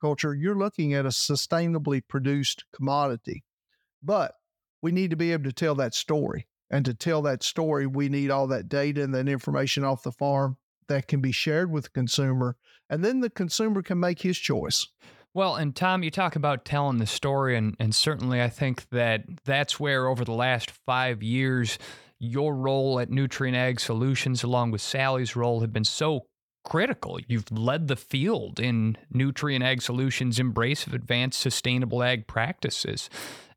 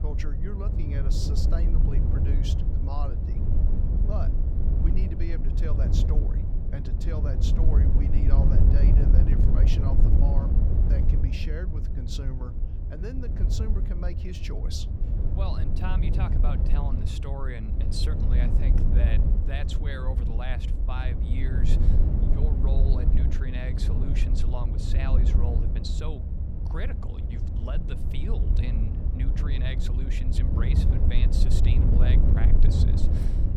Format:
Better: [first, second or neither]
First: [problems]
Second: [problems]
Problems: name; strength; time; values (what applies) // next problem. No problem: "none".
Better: first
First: none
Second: wind noise on the microphone; heavy; as loud as the speech